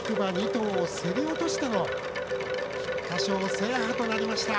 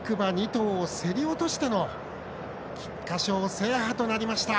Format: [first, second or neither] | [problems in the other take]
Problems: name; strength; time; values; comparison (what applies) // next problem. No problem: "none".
second | background sound (Wind chime); 1 dB below the speech